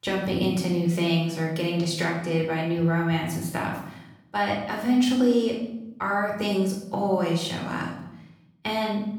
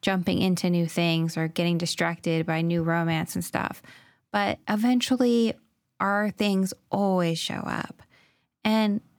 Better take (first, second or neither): second